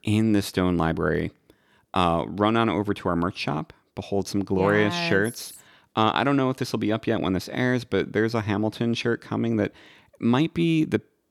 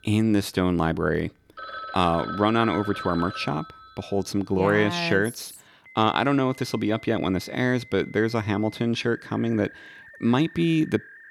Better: first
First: none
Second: alarms or sirens; noticeable; throughout; 15 dB below the speech

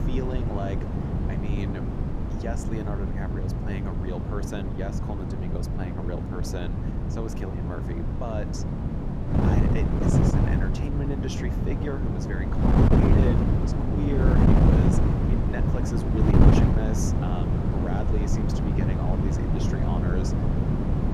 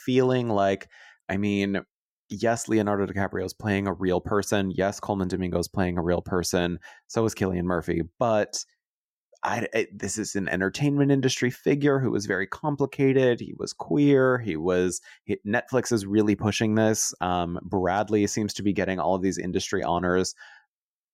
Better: second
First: wind noise on the microphone; heavy; 4 dB above the speech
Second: none

